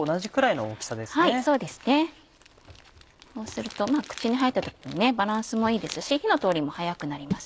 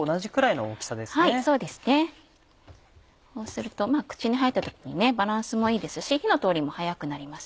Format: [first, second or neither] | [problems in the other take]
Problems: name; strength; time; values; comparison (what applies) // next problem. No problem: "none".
second | background sound (Crumpling, crinkling); 17 dB below the speech